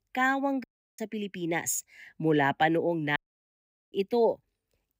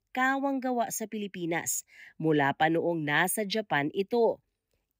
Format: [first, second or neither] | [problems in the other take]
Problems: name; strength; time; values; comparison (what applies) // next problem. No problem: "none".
second | audio cutting out; at 0.5 s and at 3 s for 1 s